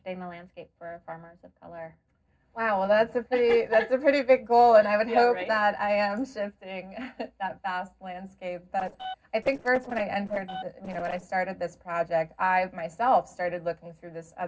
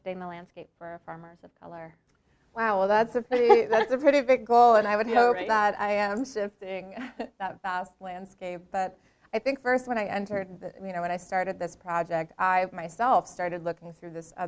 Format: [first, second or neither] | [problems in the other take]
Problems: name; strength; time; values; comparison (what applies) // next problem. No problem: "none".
second | noise reduction (neural separator model SepFormer DNS4)